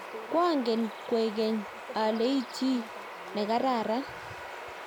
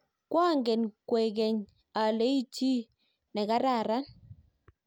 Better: second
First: background sound (Bird vocalization, bird call, bird song); 11 dB below the speech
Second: none

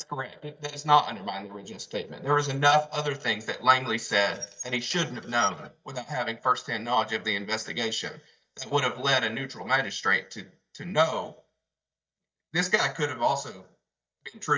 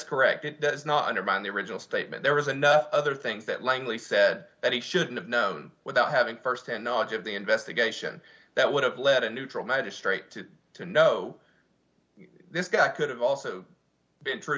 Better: second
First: noise reduction (neural mask model DeepFilterNet 3)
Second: none

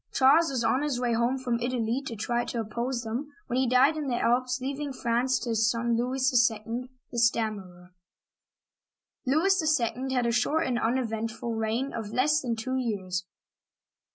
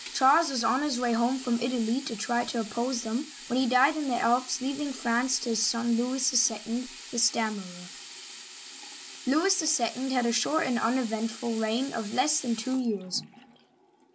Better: first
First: none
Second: background sound (Sink (filling or washing)); 15 dB below the speech

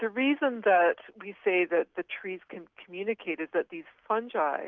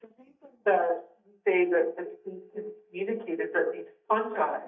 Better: first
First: none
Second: noise reduction (neural mask model DeepFilterNet 3)

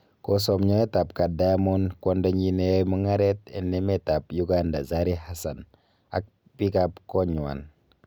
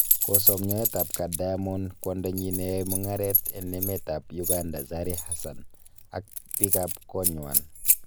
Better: first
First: none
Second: background sound (Keys jangling); 3 dB above the speech

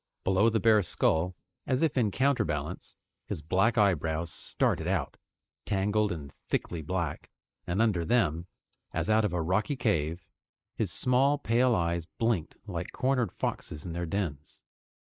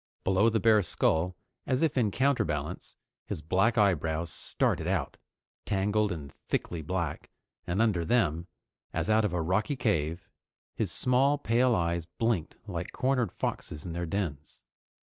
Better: second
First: noise reduction (neural mask model Resemble Enhance denoiser)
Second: none

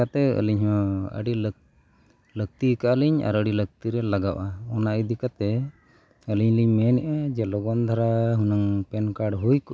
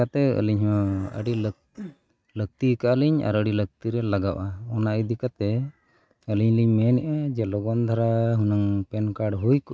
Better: first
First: none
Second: noise reduction (neural mask model RNNoise)

